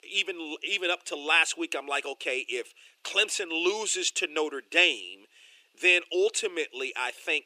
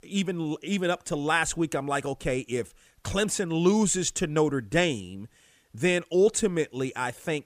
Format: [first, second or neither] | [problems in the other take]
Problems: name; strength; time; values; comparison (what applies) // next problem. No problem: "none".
second | thin; very; fading below 350 Hz